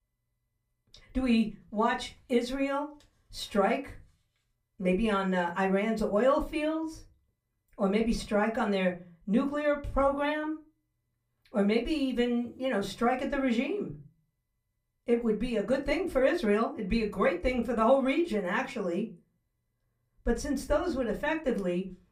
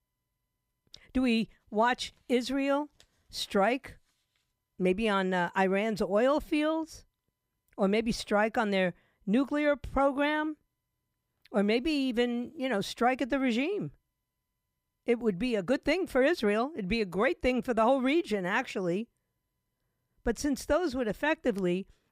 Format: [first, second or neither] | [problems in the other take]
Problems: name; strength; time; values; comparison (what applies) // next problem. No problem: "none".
second | off-mic speech; far // room echo; very slight; dies away in 0.3 s